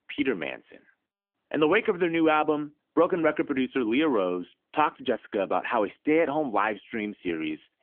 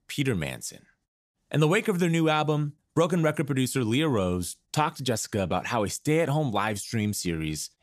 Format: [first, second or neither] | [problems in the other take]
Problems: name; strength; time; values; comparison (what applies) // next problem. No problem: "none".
second | phone-call audio; nothing above 3.5 kHz